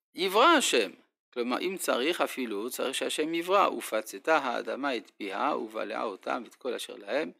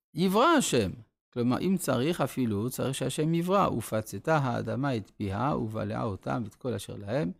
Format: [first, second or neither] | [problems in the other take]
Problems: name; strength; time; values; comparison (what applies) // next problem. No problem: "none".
second | thin; somewhat; fading below 300 Hz